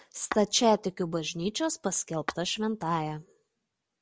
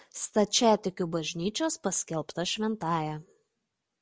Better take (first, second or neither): second